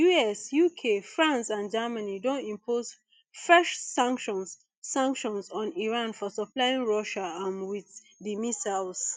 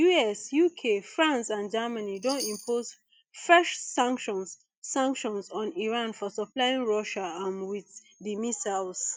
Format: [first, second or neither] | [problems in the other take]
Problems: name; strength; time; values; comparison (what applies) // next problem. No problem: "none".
first | background sound (Chime); 13 dB below the speech